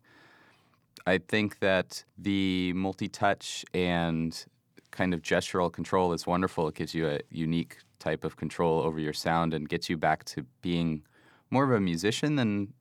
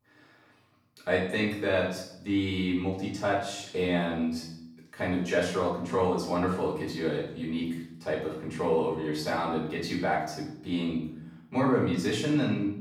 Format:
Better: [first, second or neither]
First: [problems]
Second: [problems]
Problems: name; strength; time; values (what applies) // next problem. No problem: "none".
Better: first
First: none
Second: off-mic speech; far // room echo; noticeable; dies away in 0.6 s